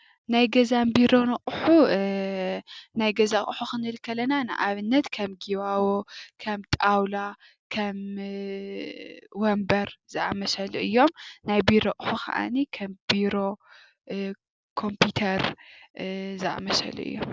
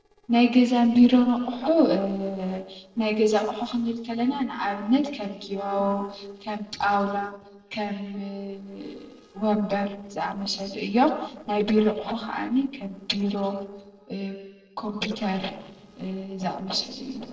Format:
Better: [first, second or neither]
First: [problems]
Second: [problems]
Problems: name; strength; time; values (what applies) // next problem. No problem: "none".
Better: first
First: none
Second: noise reduction (neural separator model SepFormer DNS4)